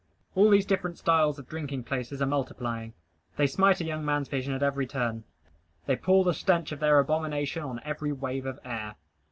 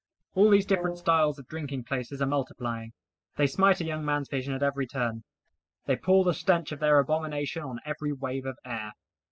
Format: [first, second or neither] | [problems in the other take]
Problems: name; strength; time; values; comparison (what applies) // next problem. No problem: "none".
first | noise reduction (classical method spectral subtraction)